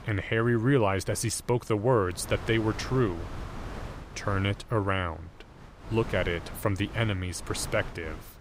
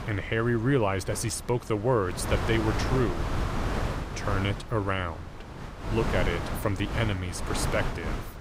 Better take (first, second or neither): first